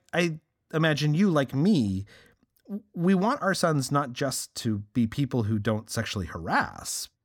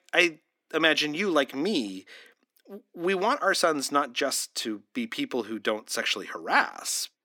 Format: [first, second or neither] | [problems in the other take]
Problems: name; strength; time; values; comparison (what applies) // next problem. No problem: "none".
first | thin; somewhat; fading below 300 Hz